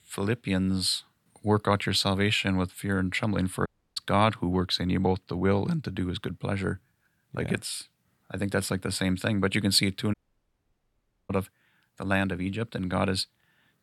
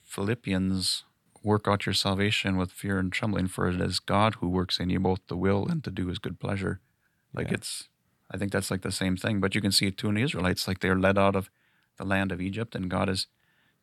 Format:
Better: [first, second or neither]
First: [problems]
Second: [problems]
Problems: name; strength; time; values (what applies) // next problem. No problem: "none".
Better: second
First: audio cutting out; at 3.5 s and at 10 s for 1 s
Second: none